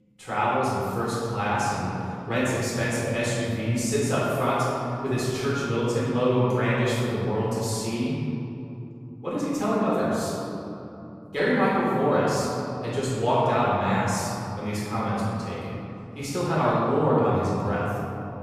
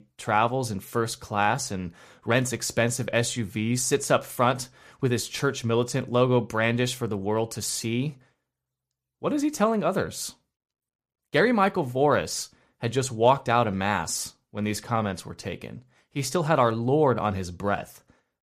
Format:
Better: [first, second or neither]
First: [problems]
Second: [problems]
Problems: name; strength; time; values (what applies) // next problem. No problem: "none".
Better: second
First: room echo; strong; dies away in 3 s // off-mic speech; far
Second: none